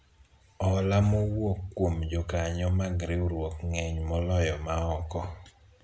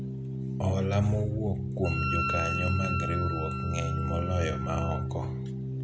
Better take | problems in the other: first | background sound (Organ + Wind instrument, woodwind instrument); 1 dB below the speech

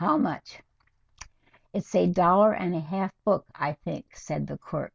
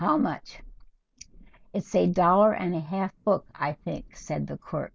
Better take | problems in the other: first | noise reduction (neural mask model Resemble Enhance denoiser)

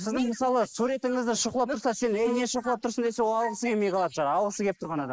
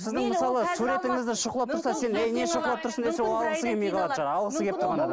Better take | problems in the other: second | noise reduction (neural mask model Resemble Enhance denoiser)

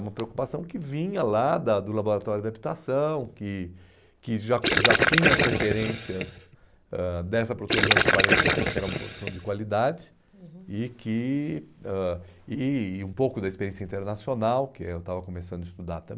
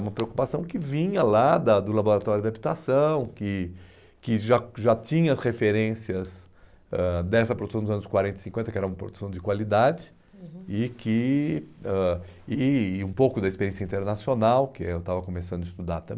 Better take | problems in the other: second | background sound (Gurgling); 5 dB above the speech

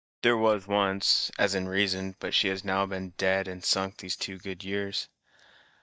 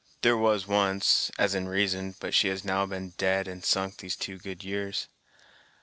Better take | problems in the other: second | noise reduction (neural mask model DeepFilterNet 3)

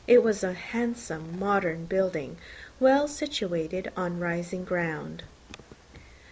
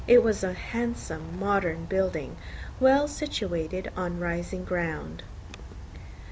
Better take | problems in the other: first | background sound (Aircraft); 12 dB below the speech

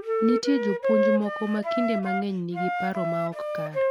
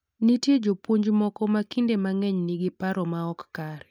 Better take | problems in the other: second | background sound (Wind instrument, woodwind instrument); 1 dB above the speech

